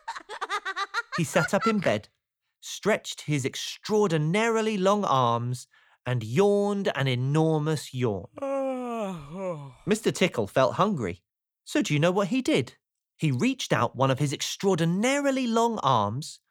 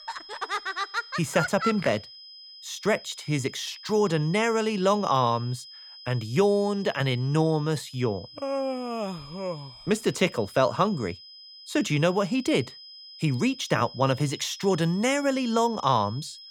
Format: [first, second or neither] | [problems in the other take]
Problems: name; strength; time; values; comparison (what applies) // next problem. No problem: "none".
first | high-pitched whine; noticeable; throughout; 5 kHz, 15 dB below the speech